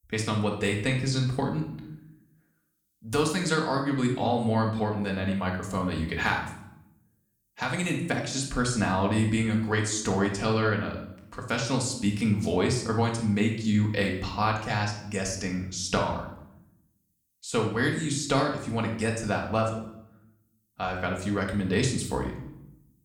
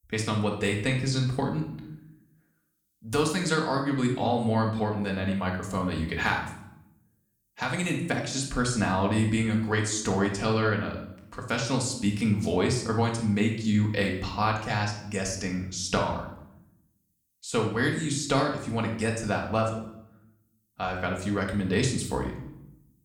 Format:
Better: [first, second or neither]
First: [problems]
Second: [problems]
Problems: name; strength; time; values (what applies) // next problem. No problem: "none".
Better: neither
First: room echo; noticeable; dies away in 0.6 s // off-mic speech; somewhat distant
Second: room echo; noticeable; dies away in 0.6 s // off-mic speech; somewhat distant